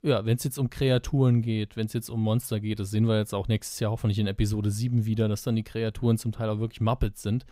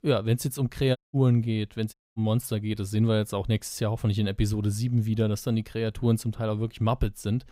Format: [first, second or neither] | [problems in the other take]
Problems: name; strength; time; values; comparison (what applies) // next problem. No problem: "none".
first | audio cutting out; at 1 s and at 2 s